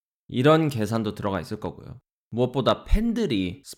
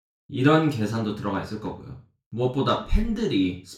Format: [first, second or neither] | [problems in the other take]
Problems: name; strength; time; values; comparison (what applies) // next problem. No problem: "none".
first | room echo; slight; dies away in 0.3 s // off-mic speech; far